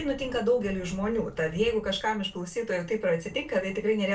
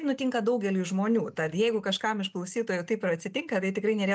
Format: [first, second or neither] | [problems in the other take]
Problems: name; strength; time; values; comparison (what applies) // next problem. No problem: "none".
second | background sound (Rain / Thunderstorm); 18 dB below the speech // room echo; dies away in 0.3 s